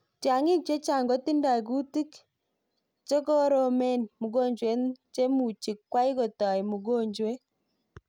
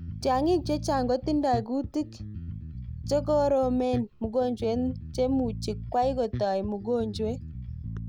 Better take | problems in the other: first | background sound (Bass guitar); 9 dB below the speech

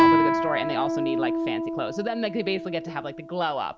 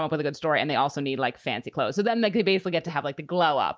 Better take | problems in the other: second | background sound (Guitar); 4 dB above the speech

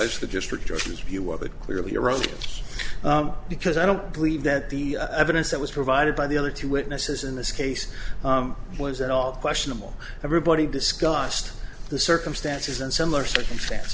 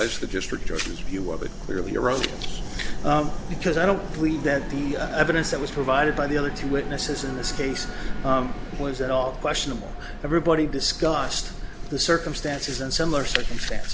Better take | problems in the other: first | background sound (Train); 14 dB below the speech

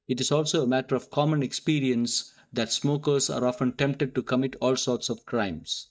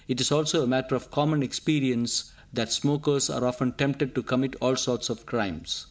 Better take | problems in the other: second | noise reduction (neural mask model DeepFilterNet 3)

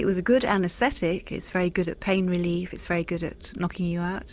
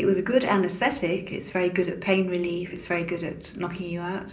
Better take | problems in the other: first | room echo; dies away in 0.5 s

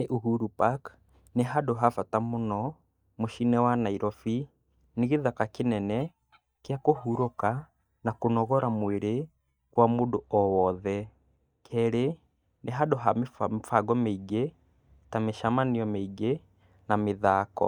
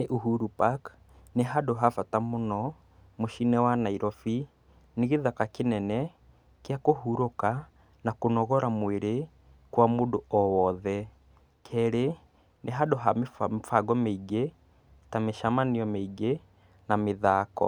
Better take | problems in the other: second | noise reduction (neural mask model DeepFilterNet 3)

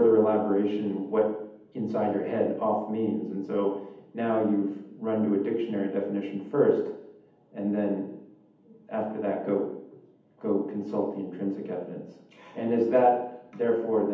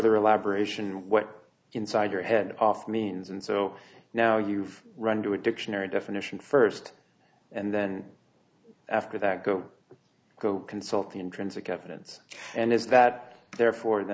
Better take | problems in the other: second | room echo; dies away in 0.8 s

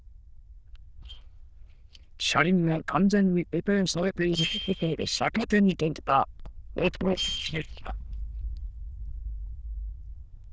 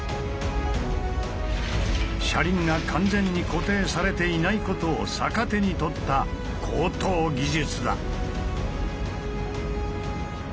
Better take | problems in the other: second | noise reduction (neural diffusion model UNIVERSE++)

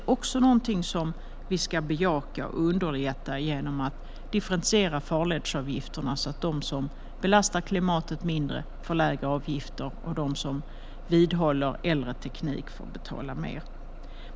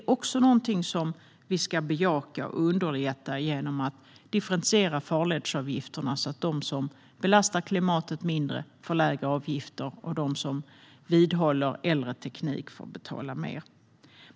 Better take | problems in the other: second | background sound (Bus); 10 dB below the speech

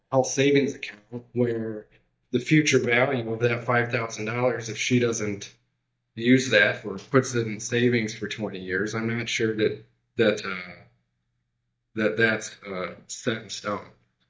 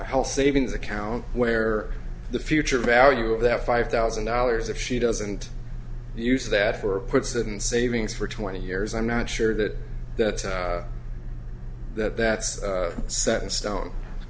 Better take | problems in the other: second | noise reduction (neural mask model DeepFilterNet 3)

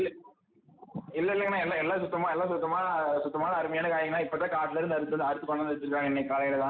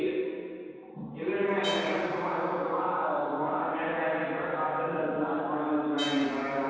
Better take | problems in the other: first | background sound (Crash cymbal); 16 dB below the speech // room echo; dies away in 2.1 s

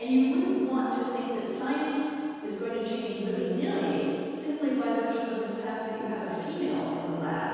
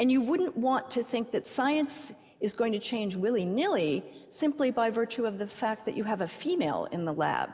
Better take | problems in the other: second | room echo; dies away in 2.1 s

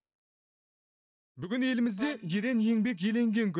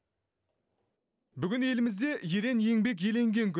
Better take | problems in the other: second | noise reduction (neural mask model DeepFilterNet 3)

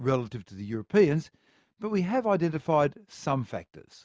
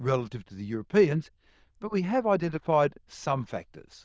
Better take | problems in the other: first | noise reduction (neural diffusion model UNIVERSE++)

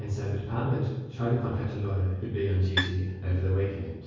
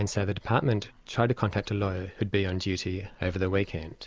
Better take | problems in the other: second | background sound (Bowed string instrument); 7 dB below the speech // room echo; dies away in 1.3 s

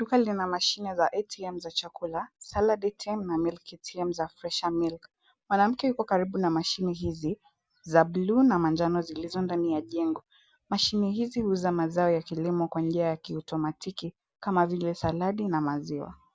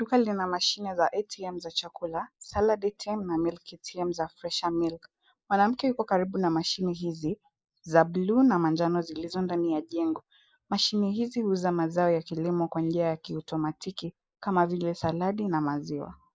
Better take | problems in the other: first | noise reduction (neural mask model Resemble Enhance denoiser)

